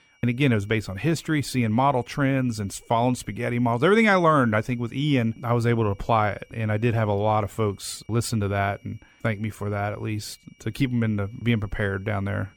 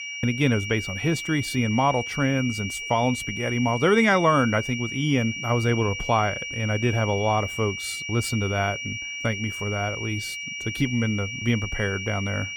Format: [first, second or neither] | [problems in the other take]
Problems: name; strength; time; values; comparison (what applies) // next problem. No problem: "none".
first | high-pitched whine; loud; throughout; 2.5 kHz, 6 dB below the speech; faint in the first